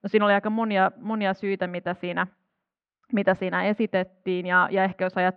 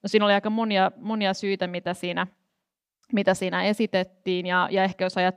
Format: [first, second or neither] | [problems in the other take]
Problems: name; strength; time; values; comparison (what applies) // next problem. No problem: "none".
second | muffled; very; fading above 2.5 kHz